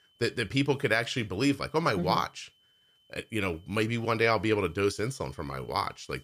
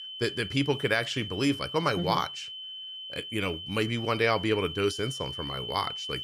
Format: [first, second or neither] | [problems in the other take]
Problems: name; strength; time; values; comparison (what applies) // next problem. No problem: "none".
first | high-pitched whine; loud; throughout; 3 kHz, 8 dB below the speech; faint in the first